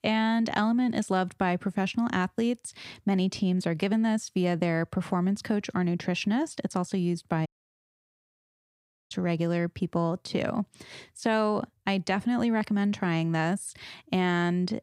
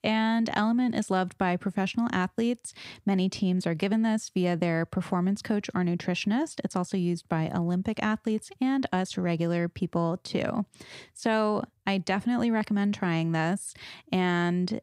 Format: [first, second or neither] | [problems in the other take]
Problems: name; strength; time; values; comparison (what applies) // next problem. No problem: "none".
second | audio cutting out; at 7.5 s for 1.5 s